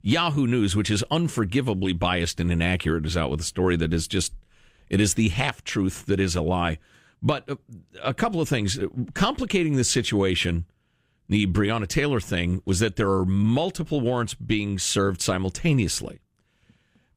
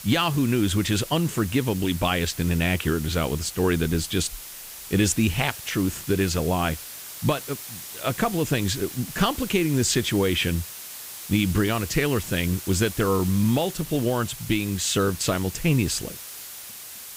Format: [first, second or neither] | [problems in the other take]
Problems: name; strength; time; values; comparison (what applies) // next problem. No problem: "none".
first | hiss; noticeable; throughout; 10 dB below the speech